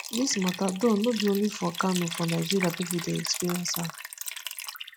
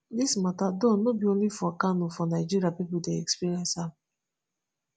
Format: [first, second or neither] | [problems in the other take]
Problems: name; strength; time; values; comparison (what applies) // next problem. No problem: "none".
second | background sound (Liquid); 8 dB below the speech